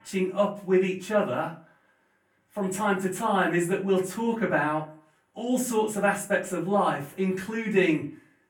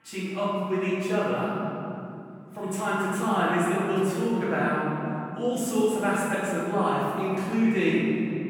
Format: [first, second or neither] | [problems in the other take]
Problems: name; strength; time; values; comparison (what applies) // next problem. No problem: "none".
first | room echo; strong; dies away in 3 s; slight in the first // off-mic speech; far; far in the first